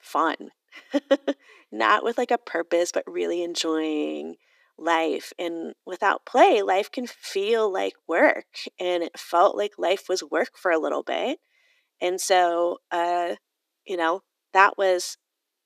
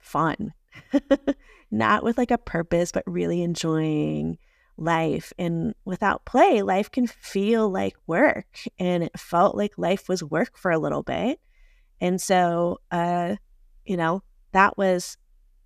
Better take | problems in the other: second | thin; somewhat; fading below 300 Hz

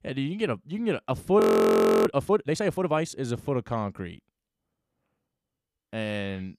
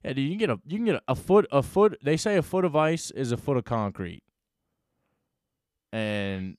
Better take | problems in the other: second | audio freezing; at 1.5 s for 0.5 s

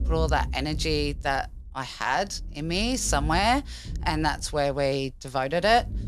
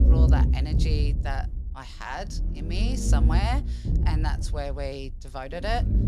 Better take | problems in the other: first | low rumble; loud; throughout; 6 dB below the speech; faint in the first

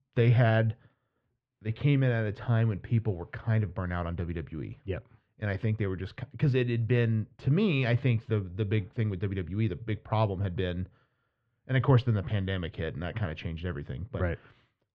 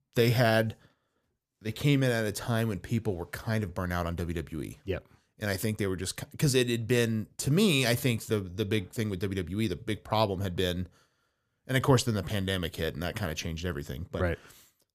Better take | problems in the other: second | muffled; very; fading above 3 kHz

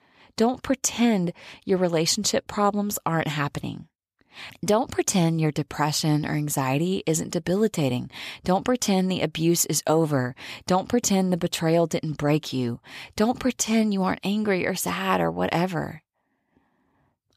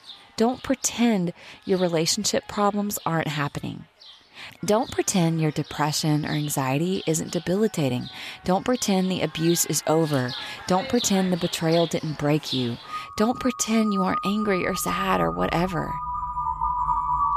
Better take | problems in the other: first | animal sounds; loud; throughout; 8 dB below the speech

